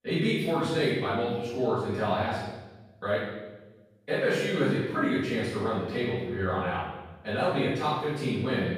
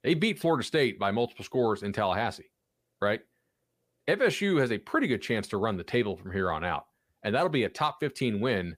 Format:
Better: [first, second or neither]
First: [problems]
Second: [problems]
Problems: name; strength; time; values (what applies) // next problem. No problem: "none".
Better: second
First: off-mic speech; far // room echo; strong; dies away in 1 s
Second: none